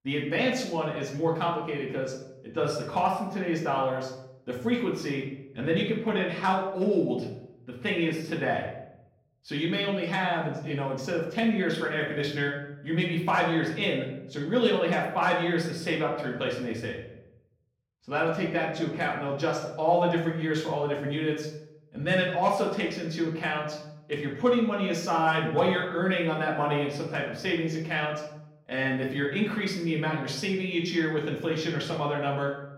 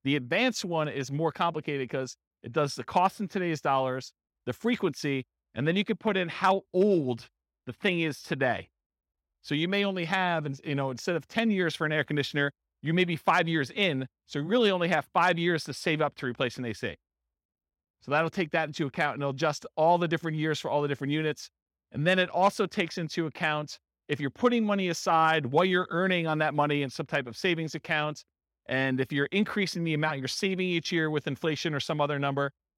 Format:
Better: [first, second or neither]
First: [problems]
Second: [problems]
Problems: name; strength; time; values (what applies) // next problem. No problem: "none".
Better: second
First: off-mic speech; far // room echo; noticeable; dies away in 0.7 s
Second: none